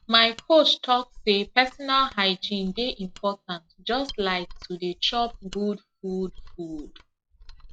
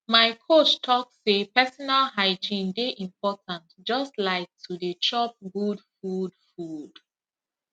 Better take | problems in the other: second | noise reduction (classical method log-MMSE)

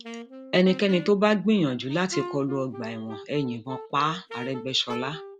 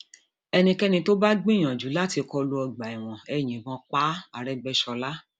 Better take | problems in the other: second | background sound (Wind instrument, woodwind instrument); 14 dB below the speech

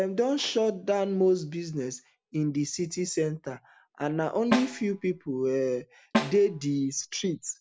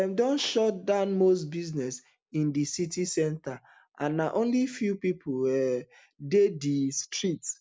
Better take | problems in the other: second | background sound (Snare drum); 5 dB below the speech

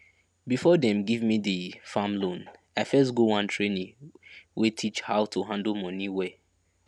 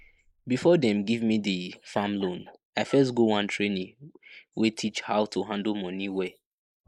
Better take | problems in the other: first | noise reduction (neural mask model Resemble Enhance denoiser)

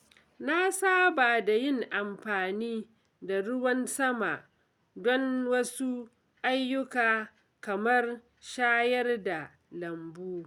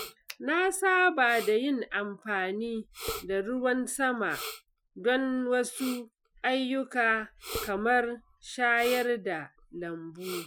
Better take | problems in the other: first | noise reduction (classical method Wiener filter)

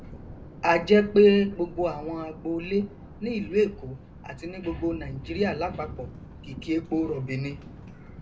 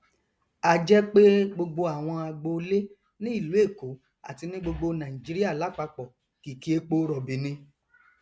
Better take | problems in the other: second | background sound (Thunder); 15 dB below the speech // room echo; dies away in 0.2 s

